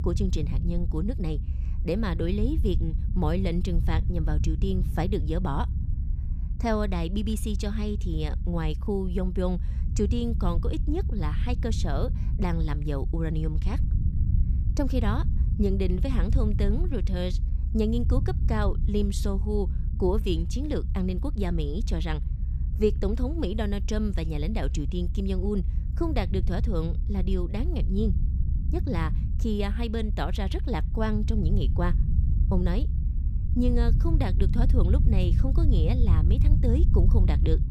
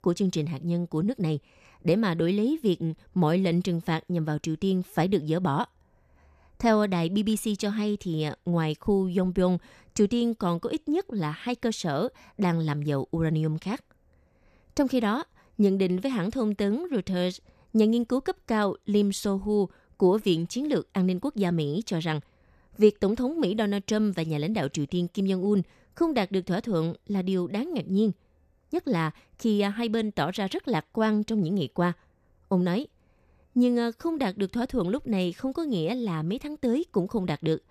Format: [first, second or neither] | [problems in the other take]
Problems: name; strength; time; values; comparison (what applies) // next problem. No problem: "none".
second | low rumble; noticeable; throughout; 10 dB below the speech